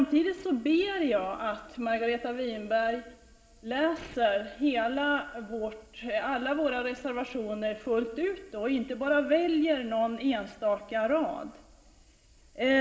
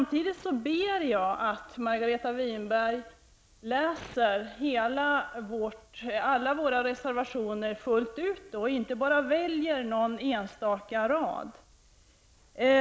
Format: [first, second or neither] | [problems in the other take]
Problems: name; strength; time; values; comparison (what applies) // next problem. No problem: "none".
second | room echo; dies away in 1.9 s